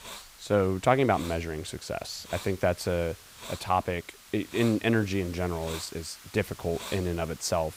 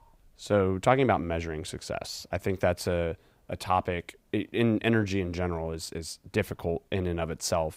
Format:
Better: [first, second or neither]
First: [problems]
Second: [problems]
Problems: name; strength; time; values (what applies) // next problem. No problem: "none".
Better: second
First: hiss; noticeable; throughout; 15 dB below the speech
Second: none